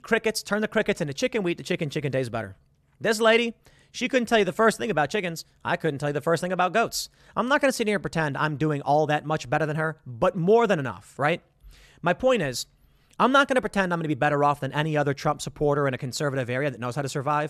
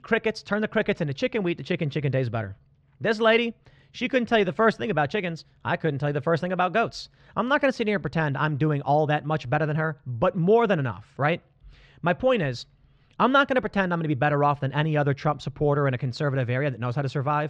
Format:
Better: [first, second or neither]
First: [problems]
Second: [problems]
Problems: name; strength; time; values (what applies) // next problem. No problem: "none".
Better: first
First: none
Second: muffled; very slightly; fading above 4 kHz